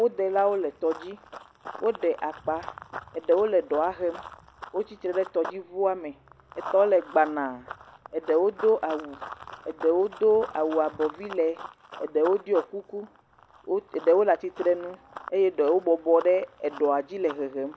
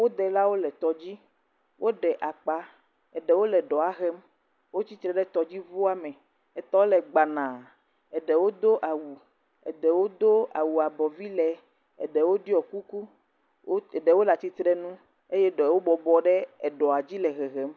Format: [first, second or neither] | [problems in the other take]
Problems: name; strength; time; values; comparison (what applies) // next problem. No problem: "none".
second | background sound (Run); 17 dB below the speech